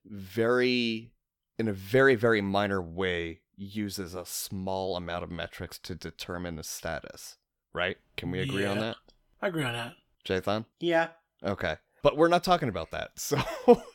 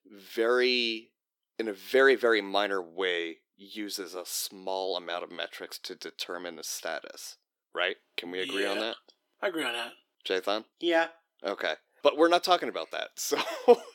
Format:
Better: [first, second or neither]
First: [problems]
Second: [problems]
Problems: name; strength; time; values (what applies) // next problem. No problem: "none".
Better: first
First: none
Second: thin; somewhat; fading below 300 Hz